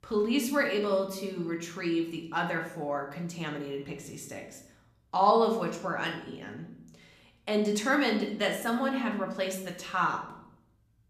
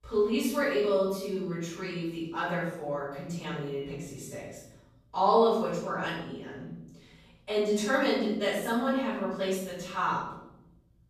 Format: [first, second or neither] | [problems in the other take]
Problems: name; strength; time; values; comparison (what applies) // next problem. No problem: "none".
first | room echo; strong; dies away in 0.9 s; slight in the first // off-mic speech; far; somewhat distant in the first